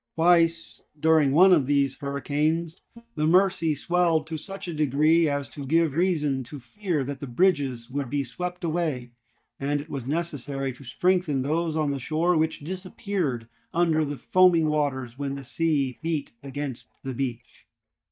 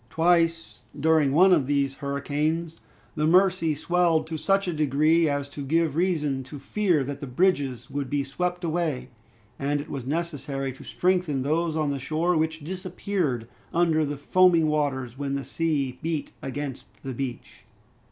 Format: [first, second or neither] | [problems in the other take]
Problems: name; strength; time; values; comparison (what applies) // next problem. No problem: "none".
second | noise reduction (neural mask model DeepFilterNet 3)